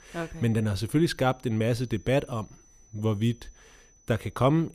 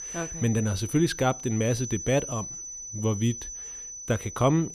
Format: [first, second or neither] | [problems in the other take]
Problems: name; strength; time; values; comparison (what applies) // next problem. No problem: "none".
first | high-pitched whine; loud; throughout; 6 kHz, 9 dB below the speech; faint in the first